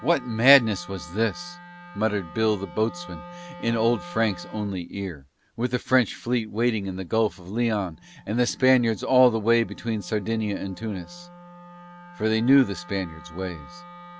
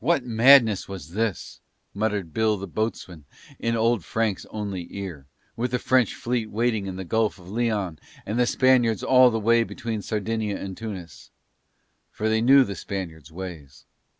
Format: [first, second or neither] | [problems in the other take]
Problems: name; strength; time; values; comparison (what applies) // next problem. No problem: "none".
second | background sound (Wind instrument, woodwind instrument); 19 dB below the speech